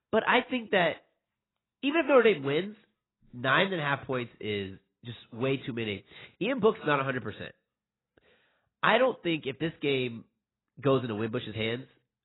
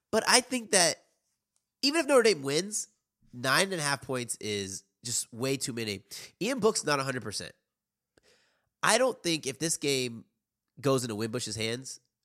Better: second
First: garbled, watery; badly; nothing above 4 kHz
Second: none

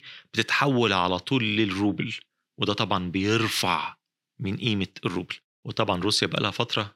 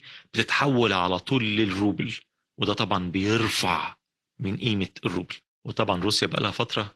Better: first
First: none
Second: garbled, watery; slightly; nothing above 16.5 kHz

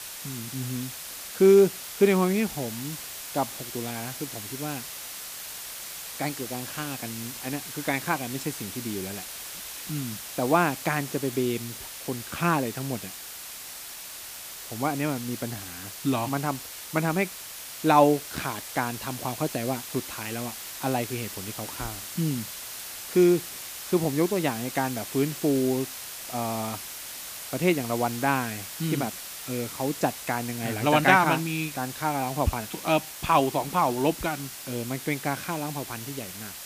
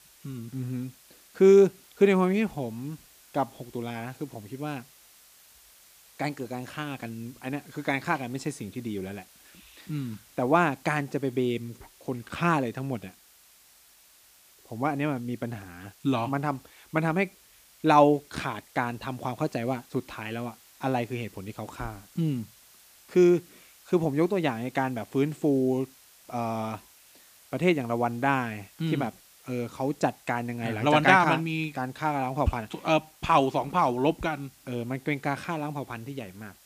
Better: second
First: hiss; loud; throughout; 9 dB below the speech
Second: hiss; faint; throughout; 25 dB below the speech

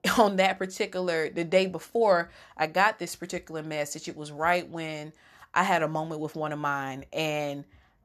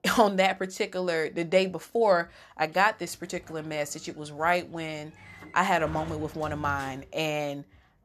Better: first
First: none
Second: door banging; faint; from 3 to 7 s; peak 10 dB below the speech

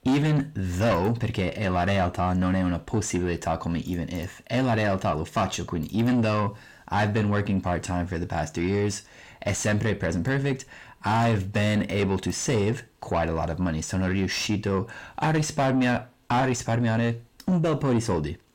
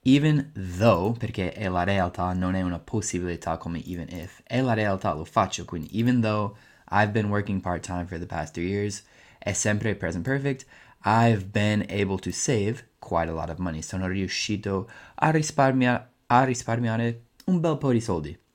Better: second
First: distortion; heavy; 7 dB below the speech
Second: none

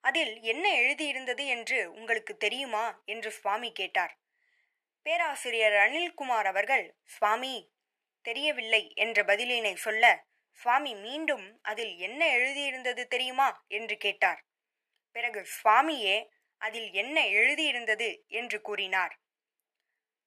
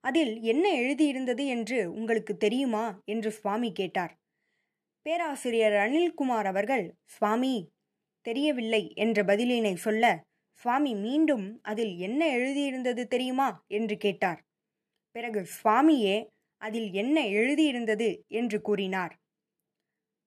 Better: second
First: thin; very; fading below 800 Hz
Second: none

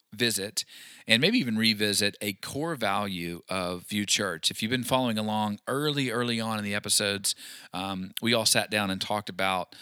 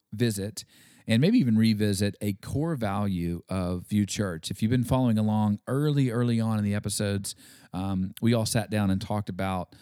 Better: second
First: thin; somewhat; fading below 800 Hz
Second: none

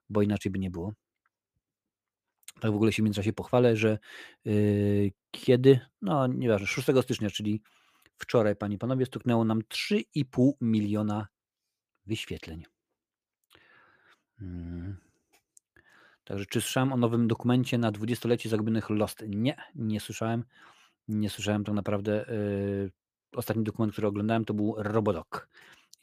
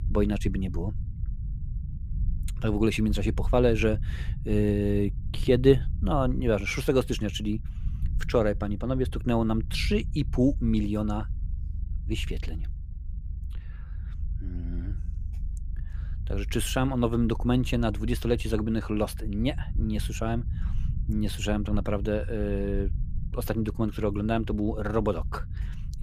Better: first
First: none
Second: low rumble; faint; throughout; 20 dB below the speech

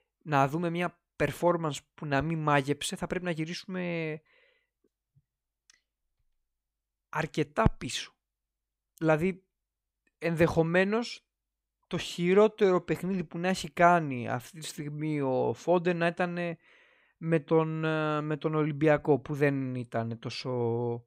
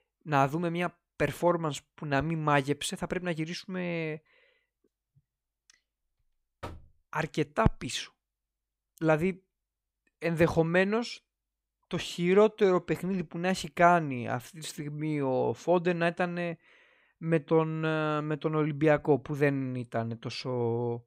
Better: first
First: none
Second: door banging; faint; at 6.5 s; peak 15 dB below the speech

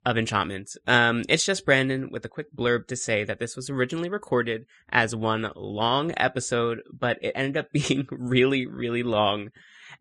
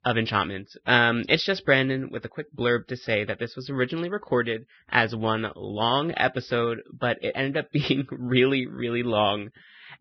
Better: first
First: garbled, watery; slightly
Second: garbled, watery; badly; nothing above 5.5 kHz

